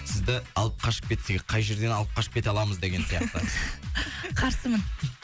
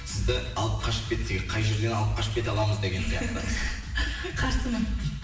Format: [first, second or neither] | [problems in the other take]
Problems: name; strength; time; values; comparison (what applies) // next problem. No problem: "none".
first | room echo; dies away in 0.9 s